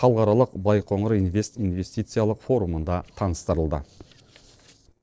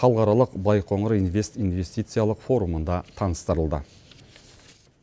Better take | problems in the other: second | noise reduction (neural separator model SepFormer DNS4)

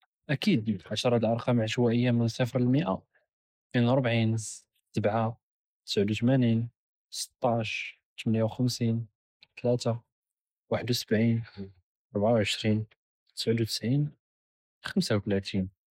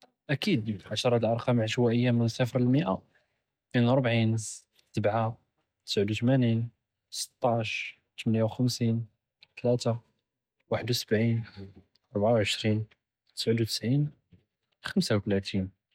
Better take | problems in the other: second | noise reduction (neural mask model Resemble Enhance denoiser)

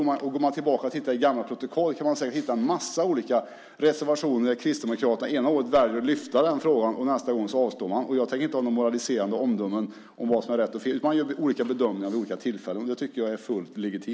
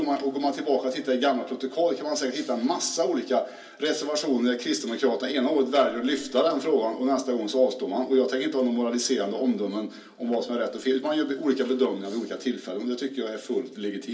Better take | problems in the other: first | room echo; dies away in 0.3 s

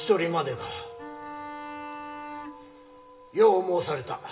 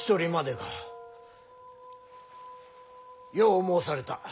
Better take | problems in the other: second | background sound (Bowed string instrument); 12 dB below the speech // room echo; dies away in 0.9 s

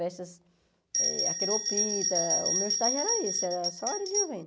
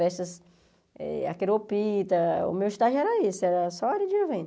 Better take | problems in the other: second | background sound (Bell); 4 dB above the speech

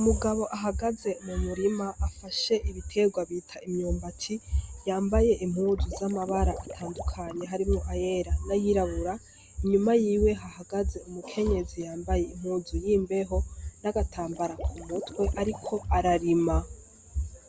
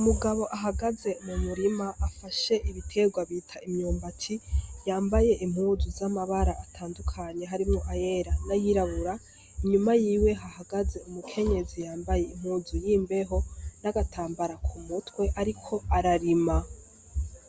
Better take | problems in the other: second | background sound (Water / Liquid); 16 dB below the speech

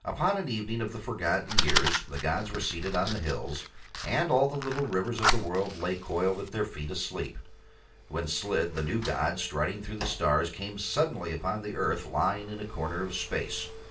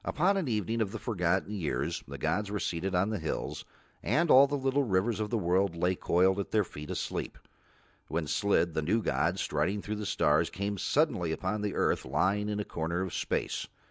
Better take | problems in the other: second | background sound (Fire); 4 dB below the speech // room echo; dies away in 0.3 s

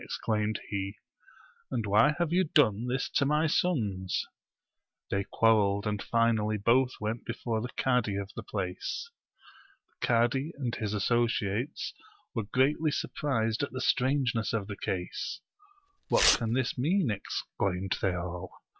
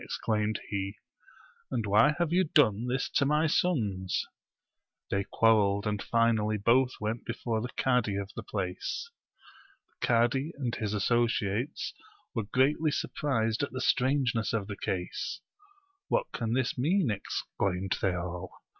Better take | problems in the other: second | background sound (Tearing); 3 dB below the speech

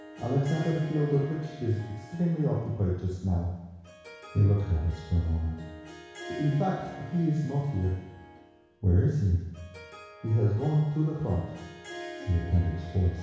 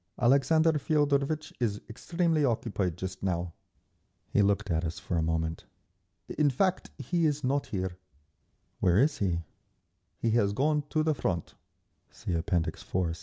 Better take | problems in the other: second | background sound (Harp); 17 dB below the speech // room echo; dies away in 1.1 s

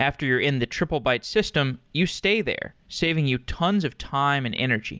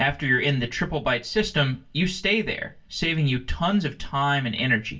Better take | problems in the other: first | room echo; dies away in 0.2 s

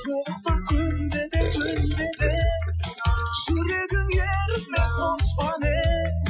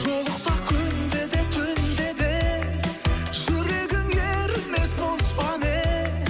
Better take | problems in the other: second | noise reduction (classical method Wiener filter)

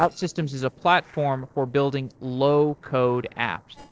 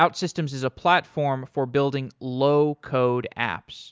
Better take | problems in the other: second | noise reduction (neural separator model SepFormer DNS4)

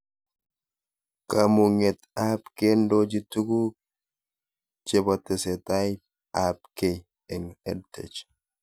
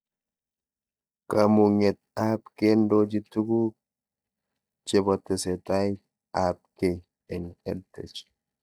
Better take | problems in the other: first | noise reduction (neural mask model DeepFilterNet 3)

